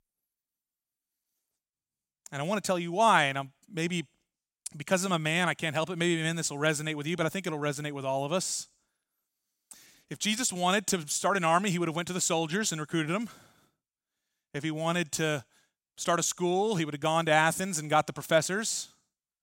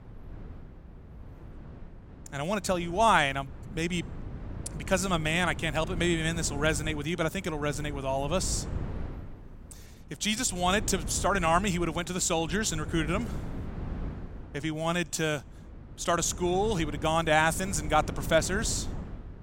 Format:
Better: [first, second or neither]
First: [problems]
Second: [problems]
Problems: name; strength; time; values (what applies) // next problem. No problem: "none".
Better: first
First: none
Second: wind noise on the microphone; occasional gusts; 20 dB below the speech